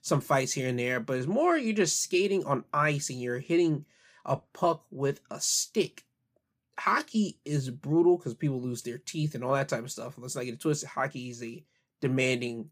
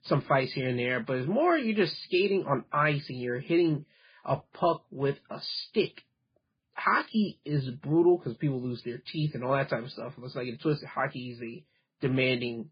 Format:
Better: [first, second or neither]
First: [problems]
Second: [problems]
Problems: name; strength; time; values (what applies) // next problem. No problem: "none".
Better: first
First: none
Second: garbled, watery; badly; nothing above 5 kHz